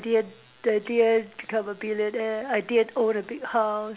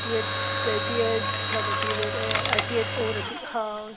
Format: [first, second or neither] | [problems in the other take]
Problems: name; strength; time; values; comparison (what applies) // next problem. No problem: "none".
first | background sound (Mechanisms); 2 dB above the speech